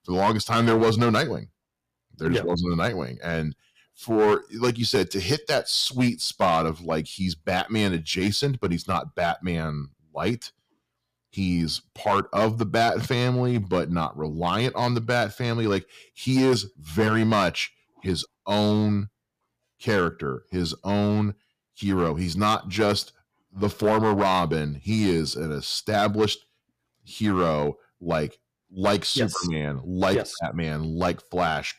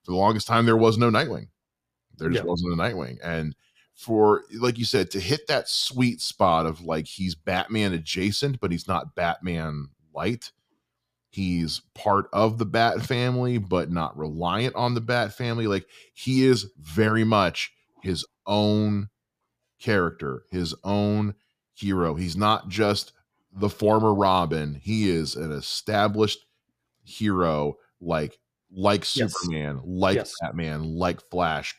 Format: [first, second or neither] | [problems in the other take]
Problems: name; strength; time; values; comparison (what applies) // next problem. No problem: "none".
second | distortion; slight; 3% of the sound clipped